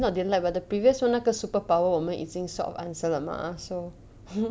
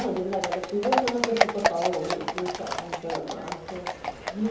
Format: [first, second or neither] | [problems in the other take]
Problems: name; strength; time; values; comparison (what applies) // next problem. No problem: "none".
first | background sound (Livestock, farm animals, working animals); as loud as the speech // room echo; dies away in 2.8 s